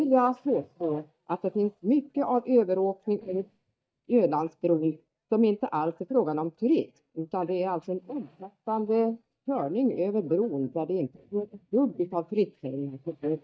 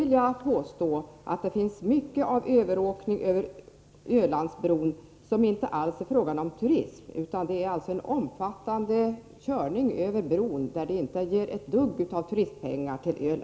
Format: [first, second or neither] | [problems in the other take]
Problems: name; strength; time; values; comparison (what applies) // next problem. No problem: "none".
second | noise reduction (neural mask model DeepFilterNet 3)